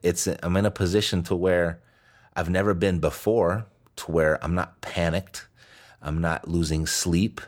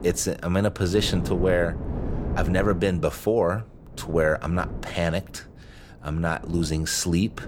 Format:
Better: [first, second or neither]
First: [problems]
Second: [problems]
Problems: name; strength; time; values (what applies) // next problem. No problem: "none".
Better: first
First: none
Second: wind noise on the microphone; occasional gusts; 15 dB below the speech